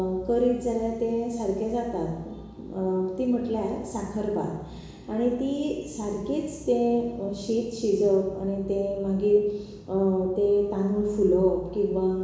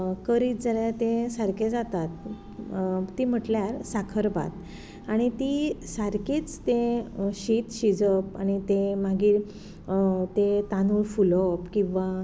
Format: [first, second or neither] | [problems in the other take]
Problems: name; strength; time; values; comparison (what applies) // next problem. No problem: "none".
second | room echo; dies away in 1 s